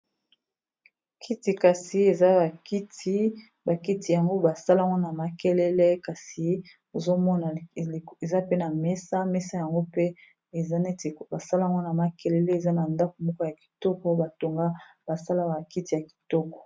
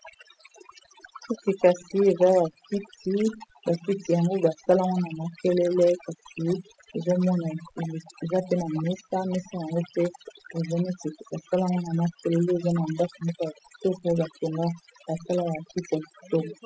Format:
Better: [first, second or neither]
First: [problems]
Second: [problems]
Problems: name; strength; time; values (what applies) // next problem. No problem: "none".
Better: first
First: none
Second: noise reduction (classical method spectral subtraction)